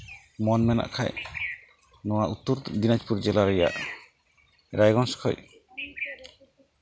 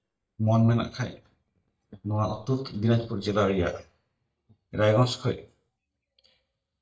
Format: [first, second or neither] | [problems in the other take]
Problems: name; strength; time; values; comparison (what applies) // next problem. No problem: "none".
first | noise reduction (neural mask model DeepFilterNet 3)